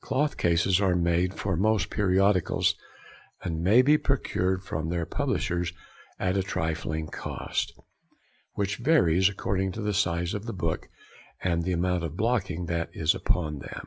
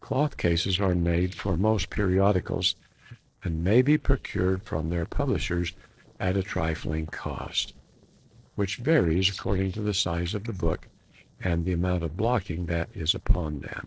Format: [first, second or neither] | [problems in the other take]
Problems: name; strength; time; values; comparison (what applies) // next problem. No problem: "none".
first | noise reduction (neural separator model SepFormer DNS4)